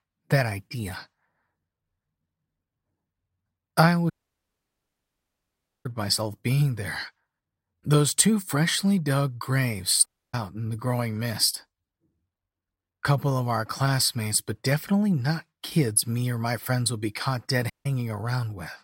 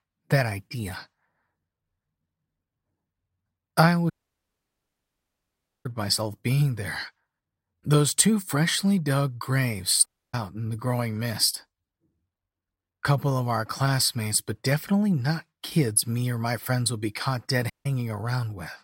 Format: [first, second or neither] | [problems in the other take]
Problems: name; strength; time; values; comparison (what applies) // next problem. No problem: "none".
neither | audio cutting out; at 4 s for 2 s, at 10 s and at 18 s; the same in both